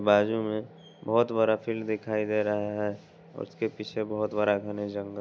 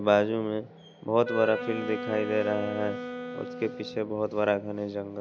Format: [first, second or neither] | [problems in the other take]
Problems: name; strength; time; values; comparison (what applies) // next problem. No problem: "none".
first | background sound (Wind instrument, woodwind instrument); 8 dB below the speech